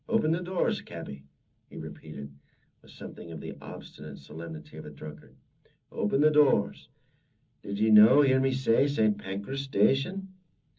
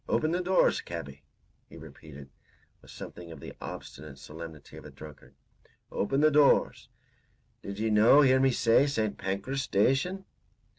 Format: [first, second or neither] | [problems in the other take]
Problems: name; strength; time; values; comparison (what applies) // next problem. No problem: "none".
second | room echo; dies away in 0.4 s